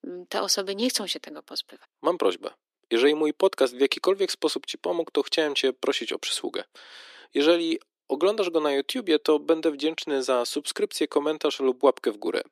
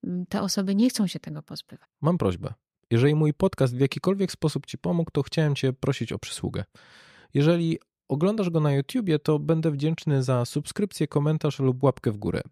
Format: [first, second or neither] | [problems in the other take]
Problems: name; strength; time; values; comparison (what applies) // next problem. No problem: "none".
second | thin; somewhat; fading below 300 Hz